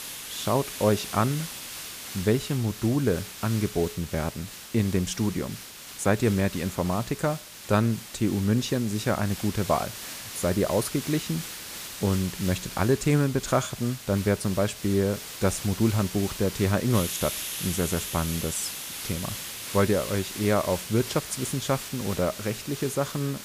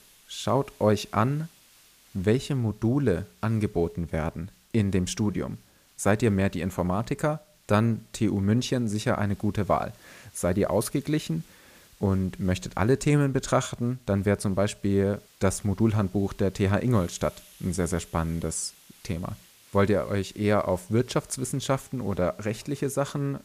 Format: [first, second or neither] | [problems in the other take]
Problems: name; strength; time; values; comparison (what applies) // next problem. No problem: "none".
second | hiss; loud; throughout; 9 dB below the speech; faint in the second